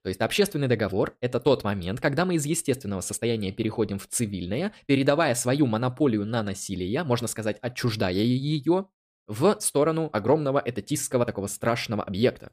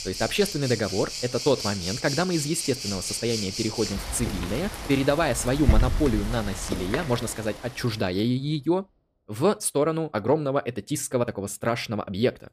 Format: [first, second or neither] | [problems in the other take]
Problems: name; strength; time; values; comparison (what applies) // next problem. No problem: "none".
first | rain or running water; loud; until 7.5 s; 5 dB below the speech